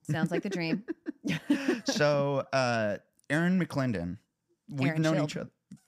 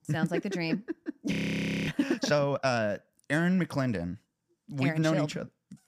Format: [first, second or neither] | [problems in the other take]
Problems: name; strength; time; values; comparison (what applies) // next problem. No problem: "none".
first | audio freezing; at 1.5 s for 0.5 s